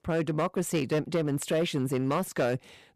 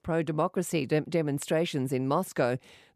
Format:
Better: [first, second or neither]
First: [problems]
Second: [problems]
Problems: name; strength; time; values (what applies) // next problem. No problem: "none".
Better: second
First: distortion; slight; 9% of the sound clipped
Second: none